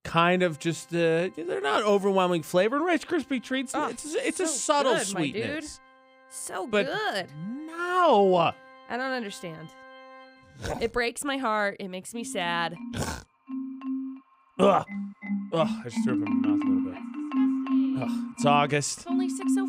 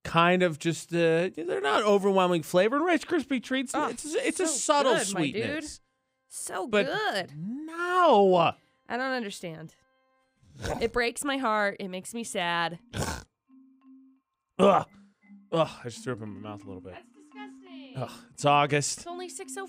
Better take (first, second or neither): second